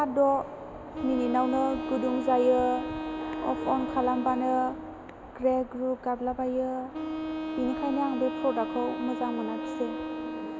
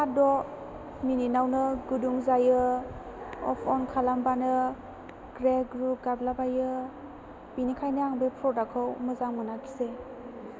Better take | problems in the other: second | background sound (Wind instrument, woodwind instrument); 7 dB below the speech

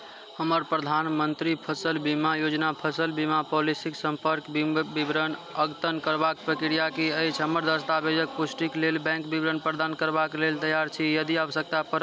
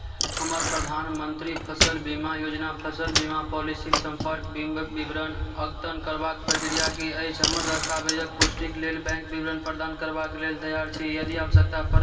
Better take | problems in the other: first | background sound (Bicycle); 2 dB above the speech // room echo; dies away in 2.8 s

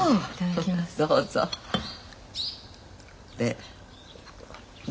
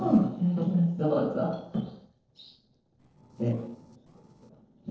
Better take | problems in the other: first | noise reduction (neural separator model SepFormer DNS4)

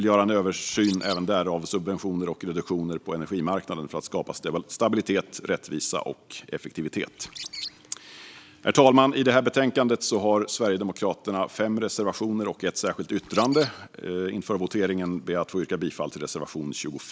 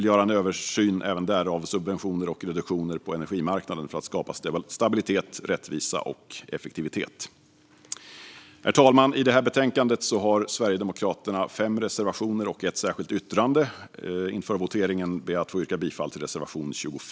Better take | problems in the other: second | background sound (Bird); 13 dB below the speech

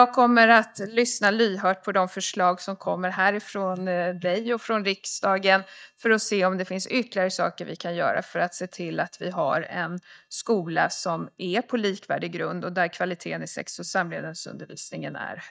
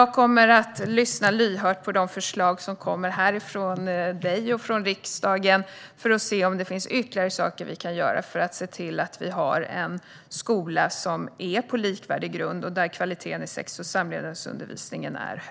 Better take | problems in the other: second | noise reduction (neural mask model DeepFilterNet 3)

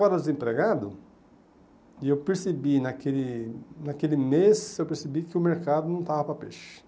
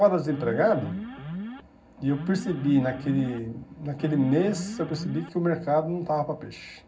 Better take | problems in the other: first | background sound (Alarm); 10 dB below the speech // room echo; dies away in 0.4 s

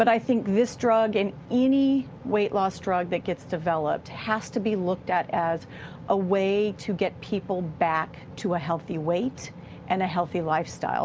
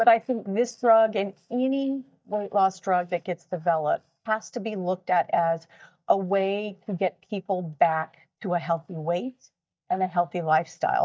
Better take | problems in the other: first | noise reduction (neural mask model DeepFilterNet 3)

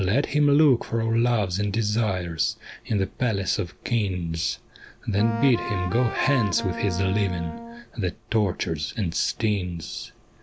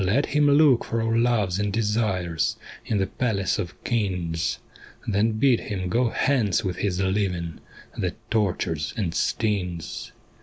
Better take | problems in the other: second | background sound (Wind instrument, woodwind instrument); 8 dB below the speech

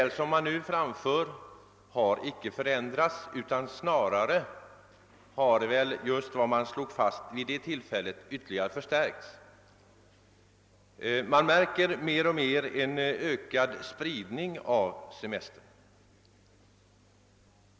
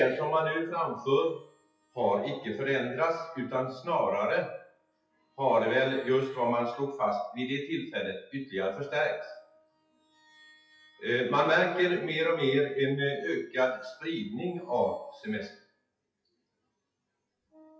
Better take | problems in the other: first | noise reduction (classical method WPE with log-MMSE)

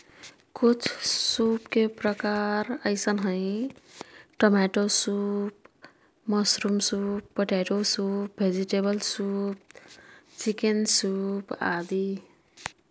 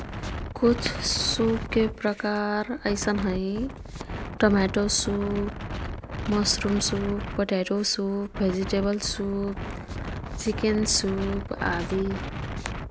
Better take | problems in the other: first | background sound (Wind); 7 dB below the speech

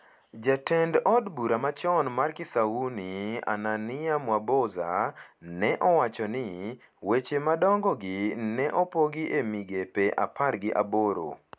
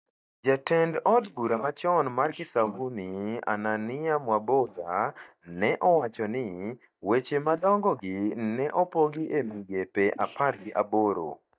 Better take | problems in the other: first | noise reduction (neural mask model DeepFilterNet 3)

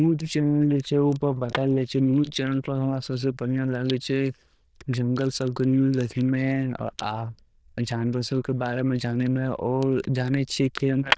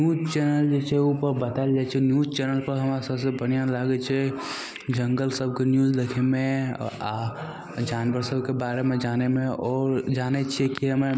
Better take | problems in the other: second | noise reduction (neural diffusion model UNIVERSE++)

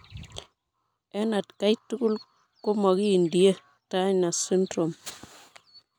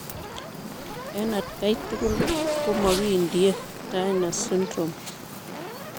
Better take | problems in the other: first | background sound (Fire + Race car, auto racing / Accelerating, revving, vroom); 4 dB below the speech

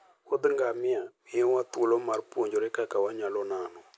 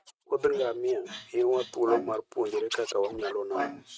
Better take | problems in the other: first | noise reduction (neural mask model RNNoise)

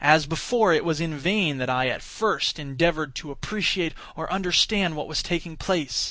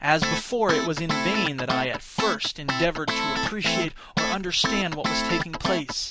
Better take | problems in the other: first | background sound (Guitar); 1 dB below the speech

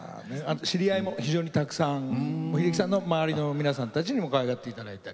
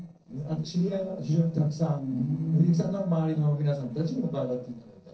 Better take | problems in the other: first | noise reduction (neural separator model SepFormer DNS4)

